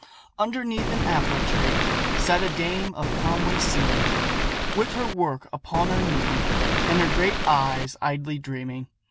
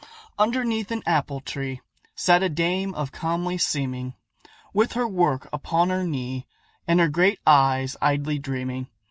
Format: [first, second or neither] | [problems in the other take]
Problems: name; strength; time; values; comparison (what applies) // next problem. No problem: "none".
second | background sound (Waves, surf); 3 dB above the speech